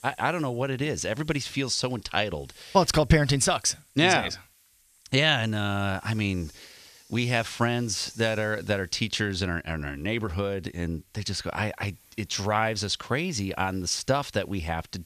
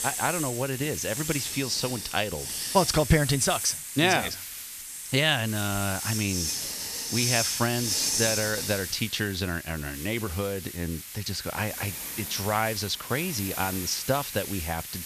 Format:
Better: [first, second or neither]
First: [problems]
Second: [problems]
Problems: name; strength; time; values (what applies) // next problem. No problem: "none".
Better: first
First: hiss; faint; throughout; 25 dB below the speech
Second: hiss; loud; throughout; 3 dB below the speech